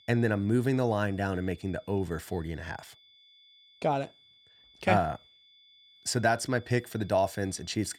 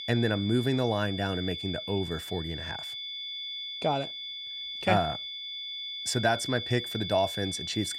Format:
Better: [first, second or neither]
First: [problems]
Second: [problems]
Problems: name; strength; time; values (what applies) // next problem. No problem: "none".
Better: first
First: high-pitched whine; faint; throughout; 3.5 kHz, 25 dB below the speech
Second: high-pitched whine; loud; throughout; 3.5 kHz, 5 dB below the speech